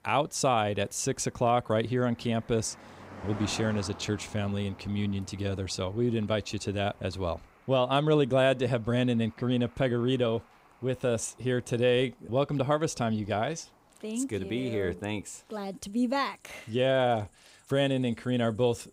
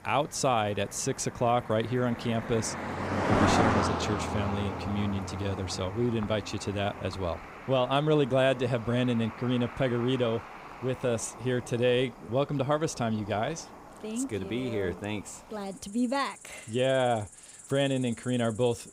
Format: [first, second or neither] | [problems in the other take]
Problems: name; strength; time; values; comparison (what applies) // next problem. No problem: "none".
first | animal sounds; loud; throughout; 6 dB below the speech; faint in the first